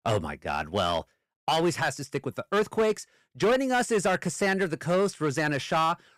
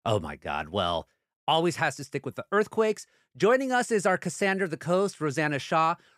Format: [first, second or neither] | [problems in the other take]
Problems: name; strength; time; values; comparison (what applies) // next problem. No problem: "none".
second | distortion; slight; 7% of the sound clipped